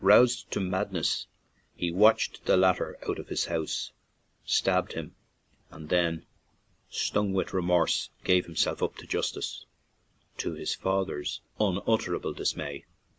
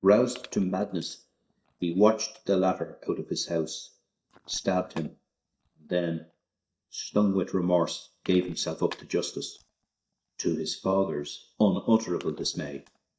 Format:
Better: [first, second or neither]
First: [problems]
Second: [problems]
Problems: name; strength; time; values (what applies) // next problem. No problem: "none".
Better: first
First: none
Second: noise reduction (neural mask model DeepFilterNet 3)